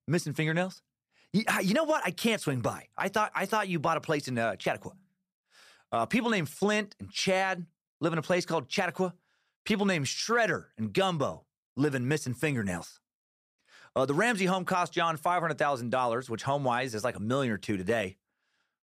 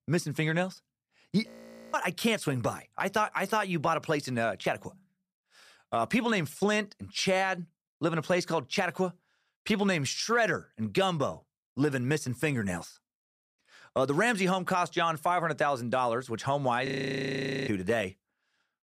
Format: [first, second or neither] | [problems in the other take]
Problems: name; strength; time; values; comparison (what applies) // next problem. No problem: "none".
first | audio freezing; at 1.5 s and at 17 s for 1 s